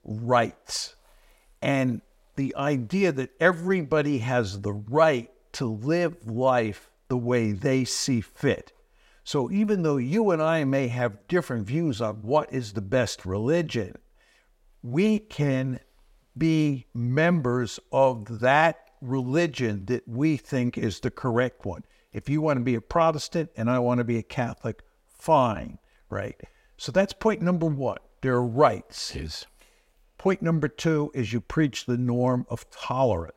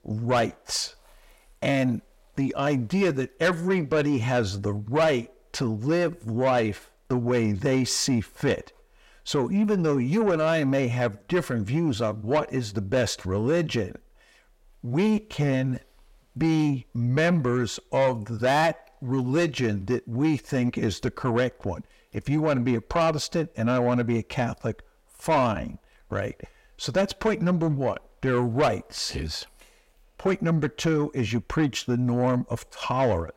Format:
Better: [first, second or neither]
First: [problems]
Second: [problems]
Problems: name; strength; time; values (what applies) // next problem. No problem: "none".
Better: first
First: none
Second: distortion; slight; 10 dB below the speech